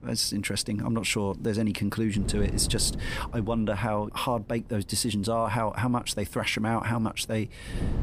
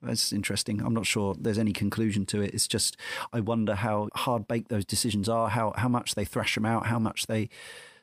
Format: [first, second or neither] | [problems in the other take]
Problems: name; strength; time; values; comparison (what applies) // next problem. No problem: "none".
second | wind noise on the microphone; occasional gusts; 20 dB below the speech